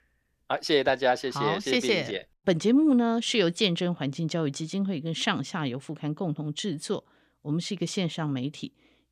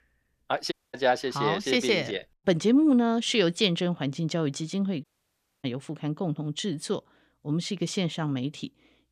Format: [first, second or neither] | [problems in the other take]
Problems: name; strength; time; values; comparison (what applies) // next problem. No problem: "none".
first | audio cutting out; at 0.5 s and at 5 s for 0.5 s